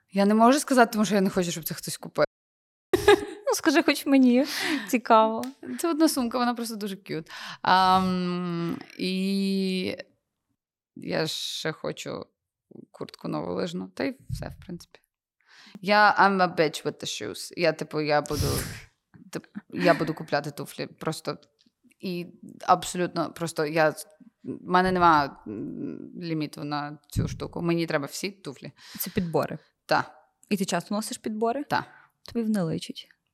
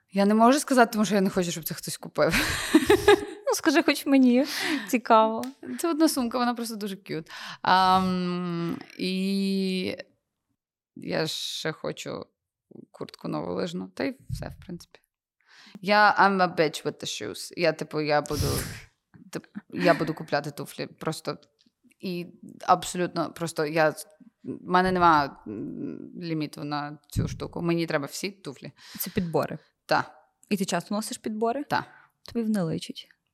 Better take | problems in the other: second | audio cutting out; at 2.5 s for 0.5 s

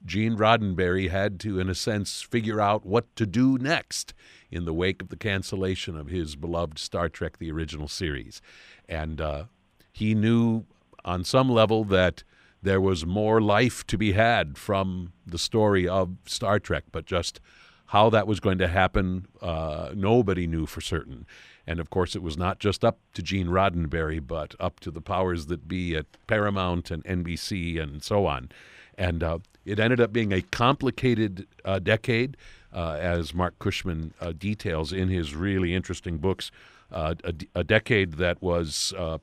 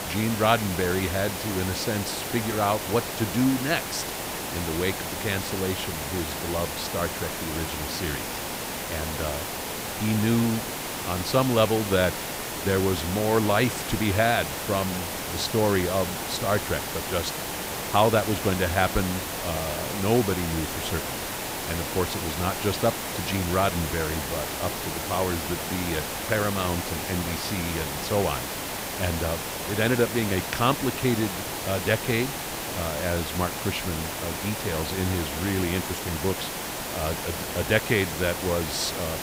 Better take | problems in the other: first | hiss; loud; throughout; 3 dB below the speech

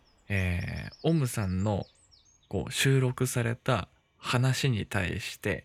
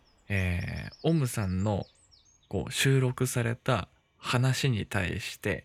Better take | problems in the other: neither | animal sounds; faint; throughout; 25 dB below the speech; the same in both

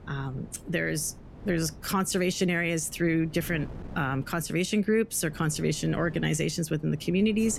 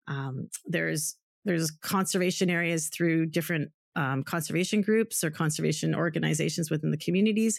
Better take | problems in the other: second | wind noise on the microphone; occasional gusts; 20 dB below the speech

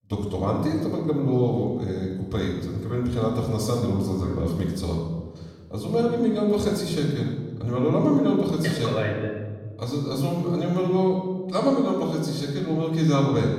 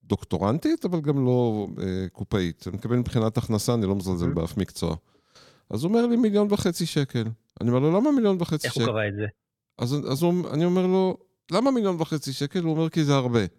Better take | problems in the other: second | off-mic speech; far // room echo; noticeable; dies away in 1.2 s

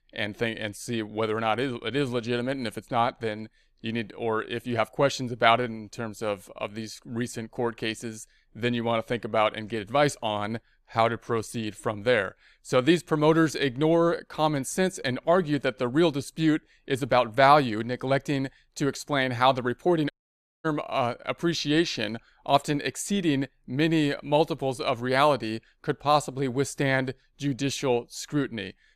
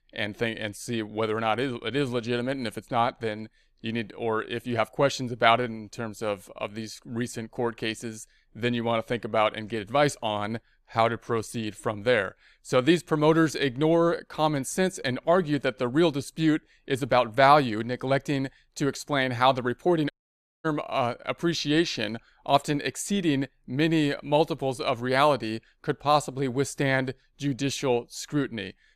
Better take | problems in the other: neither | audio cutting out; at 20 s for 0.5 s; the same in both

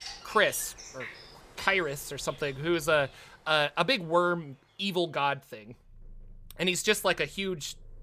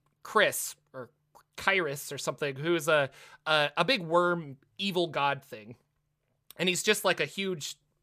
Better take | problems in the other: second | animal sounds; noticeable; throughout; 15 dB below the speech

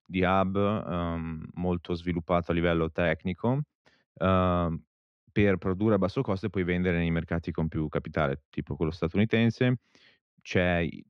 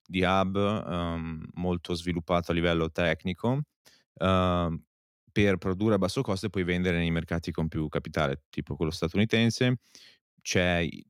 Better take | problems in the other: second | muffled; slightly; fading above 2.5 kHz

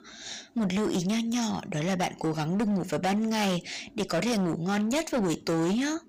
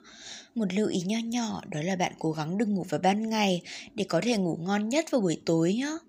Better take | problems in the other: second | distortion; heavy; 19% of the sound clipped

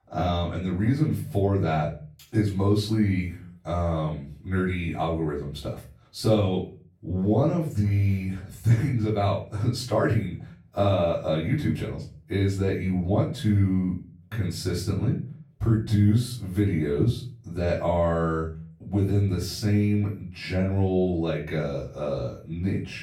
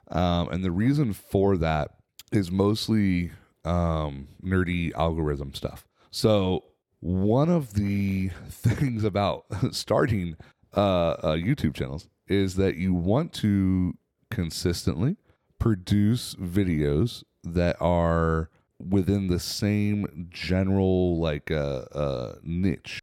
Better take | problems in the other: second | off-mic speech; far // room echo; slight; dies away in 0.3 s

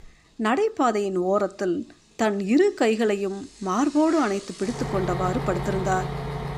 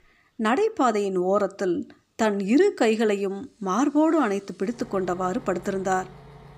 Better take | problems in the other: second | traffic noise; loud; throughout; 8 dB below the speech; faint in the second

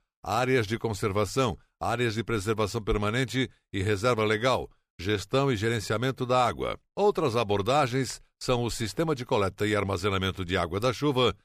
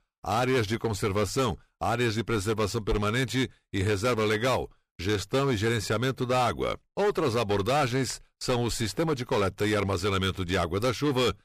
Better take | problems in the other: first | distortion; slight; 11% of the sound clipped

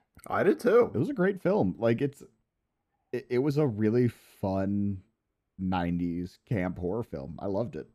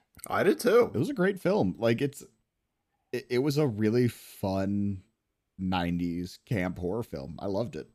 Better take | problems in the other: second | muffled; slightly; fading above 2.5 kHz

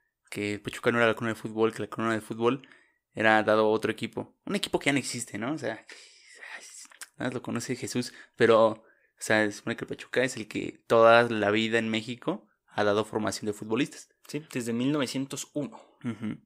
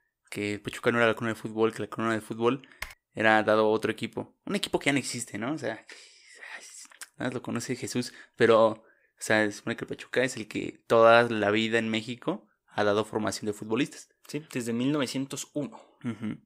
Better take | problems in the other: first | keyboard typing; faint; at 3 s; peak 15 dB below the speech

